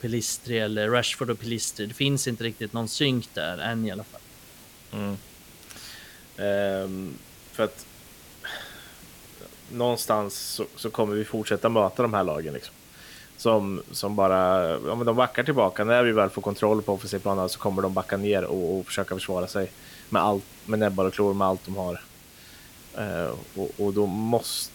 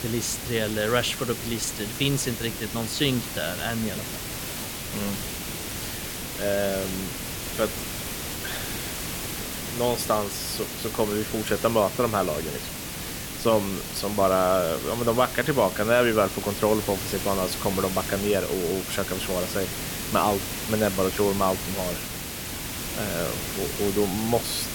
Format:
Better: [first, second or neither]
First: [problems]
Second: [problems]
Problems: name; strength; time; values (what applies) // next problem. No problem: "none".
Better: first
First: hiss; faint; throughout; 20 dB below the speech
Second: hiss; loud; throughout; 5 dB below the speech